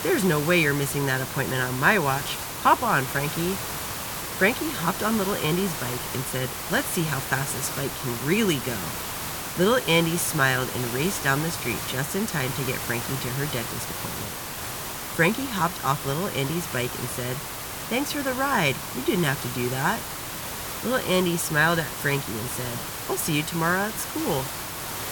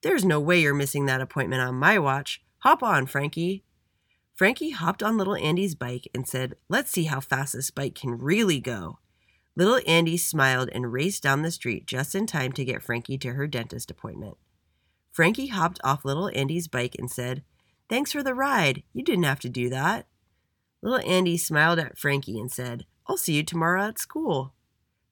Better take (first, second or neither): second